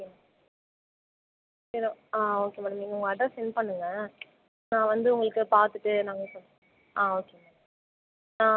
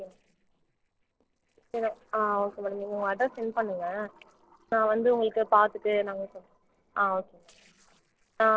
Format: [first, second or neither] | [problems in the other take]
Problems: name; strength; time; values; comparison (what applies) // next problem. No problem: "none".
first | noise reduction (neural separator model SepFormer DNS4)